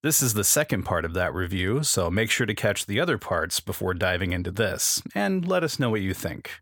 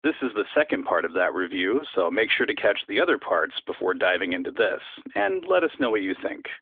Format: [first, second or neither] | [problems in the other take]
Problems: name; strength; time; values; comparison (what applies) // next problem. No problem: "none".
first | phone-call audio; nothing above 3.5 kHz